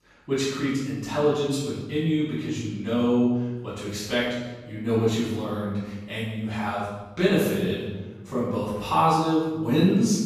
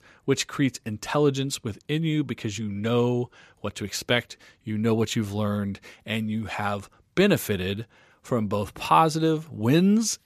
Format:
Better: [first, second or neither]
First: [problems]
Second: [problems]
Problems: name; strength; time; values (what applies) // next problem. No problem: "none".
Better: second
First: off-mic speech; far // room echo; strong; dies away in 1.1 s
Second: none